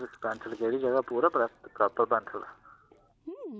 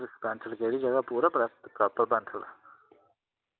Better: second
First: background sound (Chewing, mastication); 19 dB below the speech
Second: none

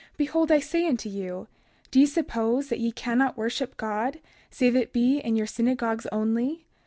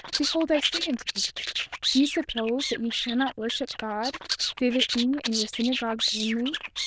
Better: first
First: none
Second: noise reduction (neural diffusion model UNIVERSE++)

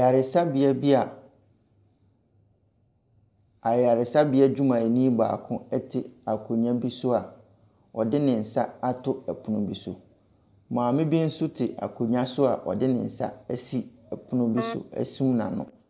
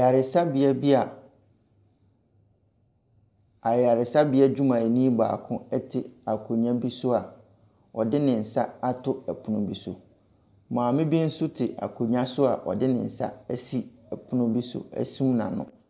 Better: second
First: background sound (Wind instrument, woodwind instrument); 12 dB below the speech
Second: none

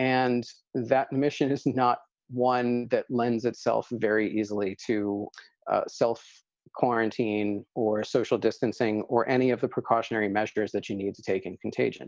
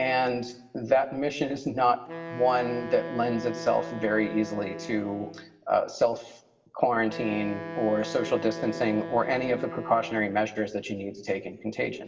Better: first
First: none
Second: background sound (Wind instrument, woodwind instrument); 12 dB below the speech // room echo; dies away in 0.8 s

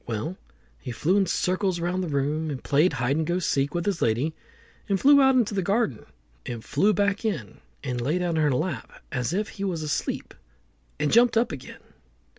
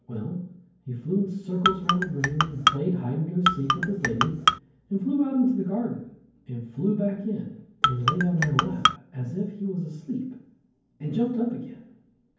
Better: first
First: none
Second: background sound (Marimba, xylophone); 3 dB above the speech // room echo; dies away in 0.9 s

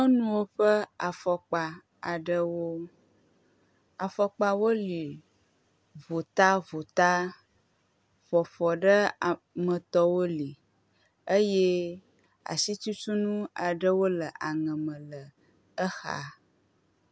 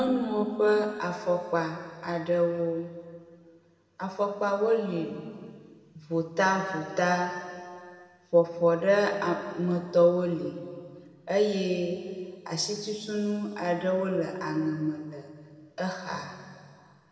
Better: first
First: none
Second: room echo; dies away in 2 s

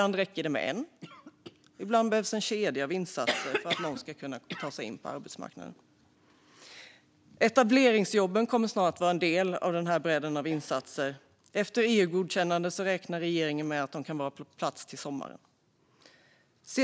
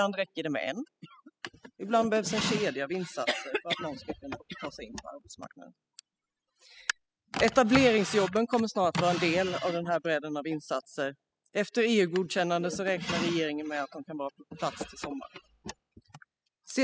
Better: first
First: none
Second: noise reduction (classical method spectral subtraction)

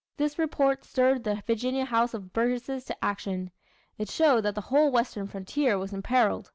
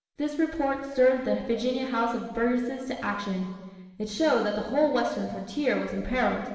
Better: first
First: none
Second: room echo; dies away in 1.3 s

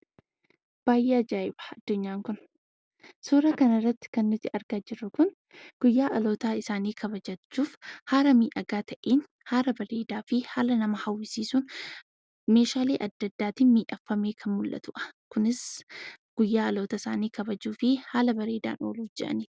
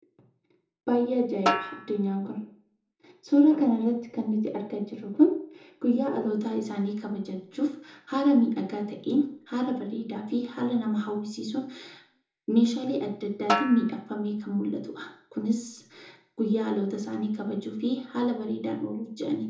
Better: first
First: none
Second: background sound (Snare drum); 5 dB below the speech // room echo; dies away in 0.5 s

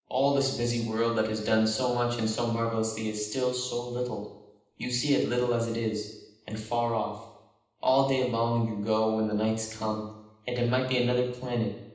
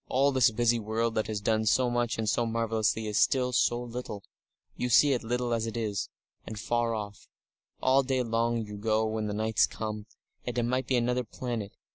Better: second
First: room echo; dies away in 0.9 s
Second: none

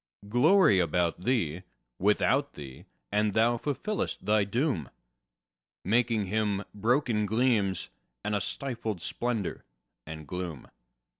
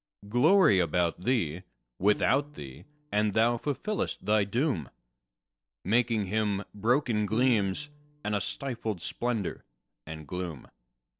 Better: first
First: none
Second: noise reduction (neural separator model SepFormer DNS4)

